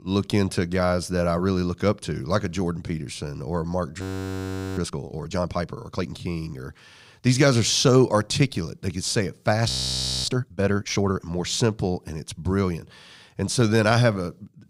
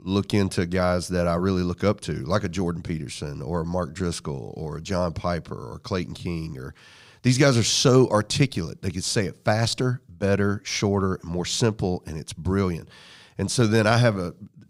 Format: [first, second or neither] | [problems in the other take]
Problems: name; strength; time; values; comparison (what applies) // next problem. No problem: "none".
second | audio freezing; at 4 s for 1 s and at 9.5 s for 0.5 s